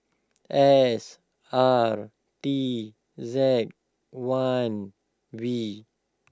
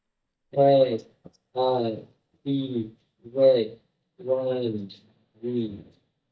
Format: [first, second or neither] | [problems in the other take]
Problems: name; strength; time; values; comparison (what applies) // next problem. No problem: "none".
first | noise reduction (neural mask model DeepFilterNet 3)